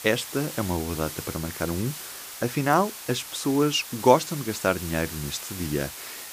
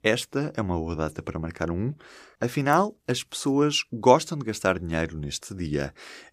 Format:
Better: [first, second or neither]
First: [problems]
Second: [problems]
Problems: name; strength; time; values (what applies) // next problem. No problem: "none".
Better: second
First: hiss; loud; throughout; 9 dB below the speech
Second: none